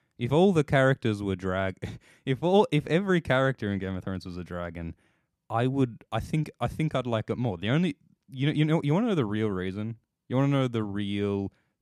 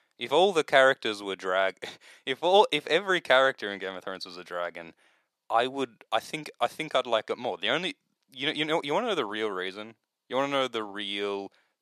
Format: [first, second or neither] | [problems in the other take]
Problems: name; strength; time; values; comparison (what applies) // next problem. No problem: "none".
first | thin; very; fading below 600 Hz